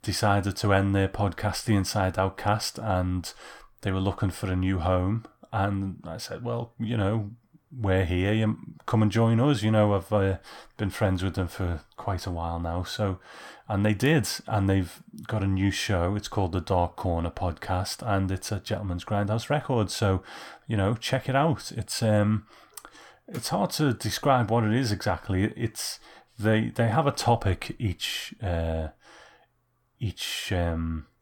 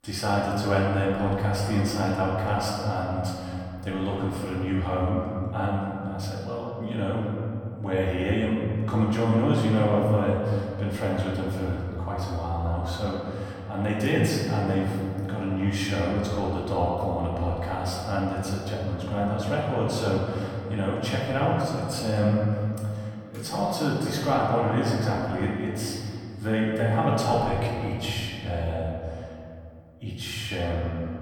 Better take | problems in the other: first | room echo; noticeable; dies away in 2.2 s // off-mic speech; far

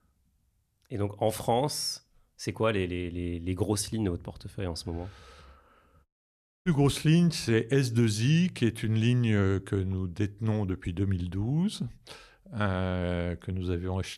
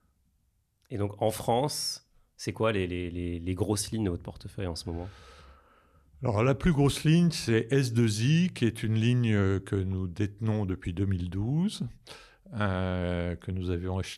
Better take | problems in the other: second | audio cutting out; at 6 s for 0.5 s

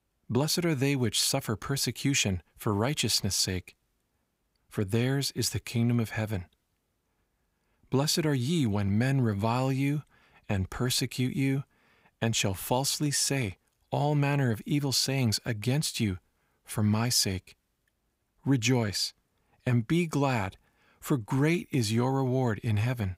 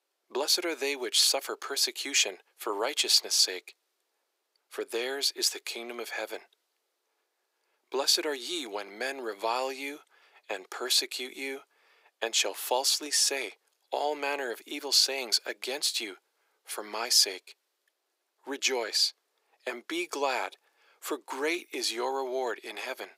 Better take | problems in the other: first | thin; very; fading below 350 Hz

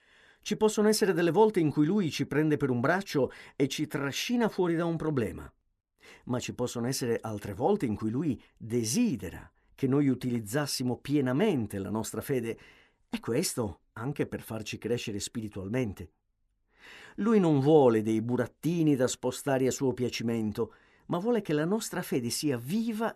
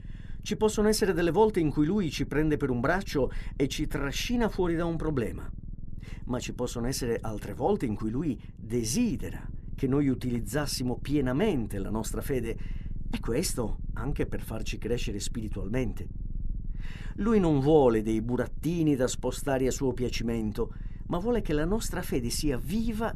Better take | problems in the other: first | low rumble; faint; throughout; 25 dB below the speech

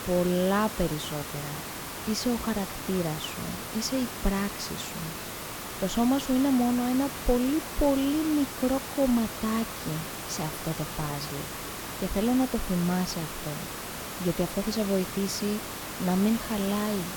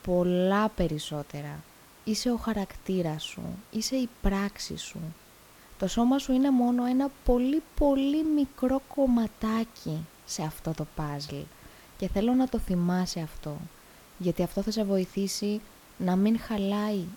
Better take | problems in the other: second | hiss; loud; throughout; 7 dB below the speech; faint in the second

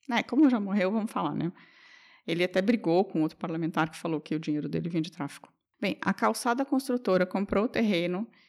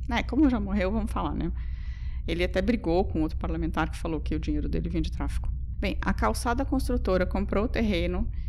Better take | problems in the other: first | low rumble; faint; throughout; 25 dB below the speech

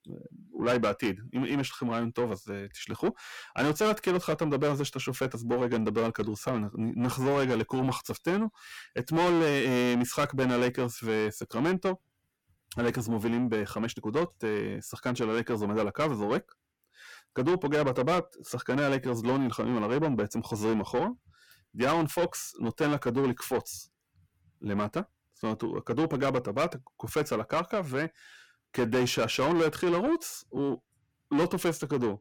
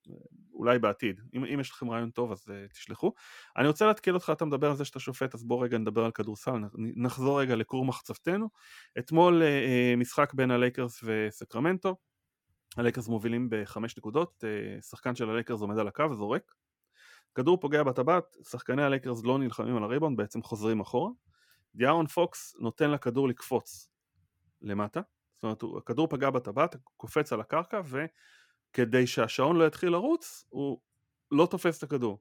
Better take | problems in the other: second | distortion; heavy; 7 dB below the speech

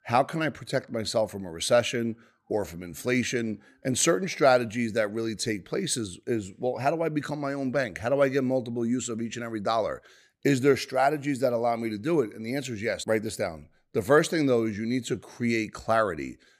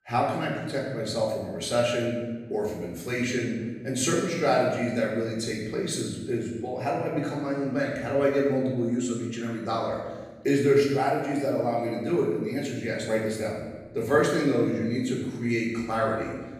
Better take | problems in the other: first | room echo; noticeable; dies away in 1.3 s // off-mic speech; far

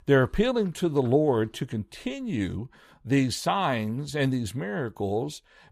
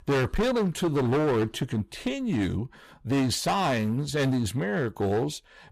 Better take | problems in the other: first | distortion; heavy; 17% of the sound clipped

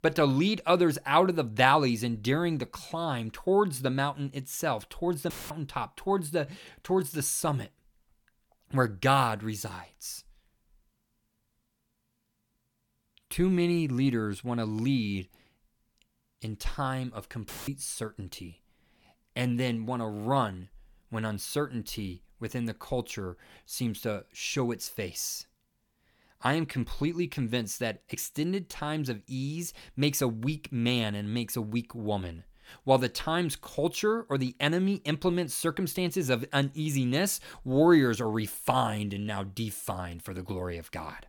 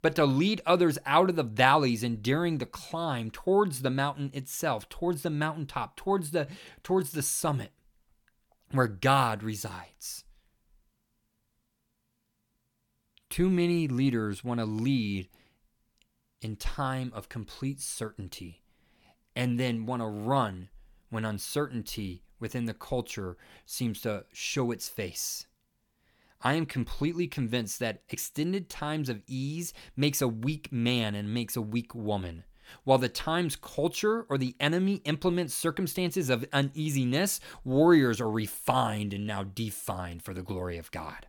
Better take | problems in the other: second | audio cutting out; filled with static; at 5.5 s and at 17 s

